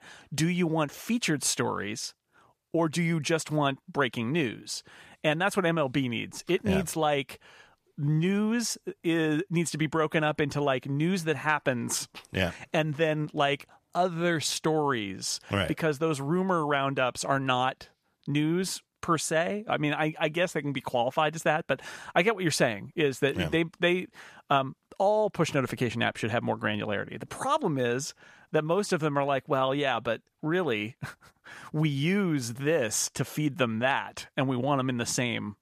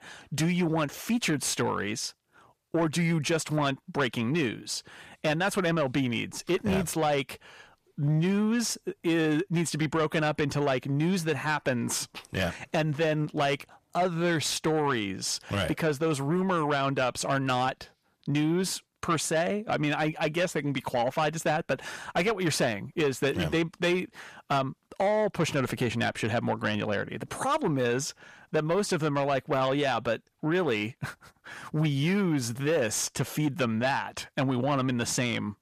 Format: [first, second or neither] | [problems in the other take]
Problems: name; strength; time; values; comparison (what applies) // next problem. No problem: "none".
first | distortion; slight; 10 dB below the speech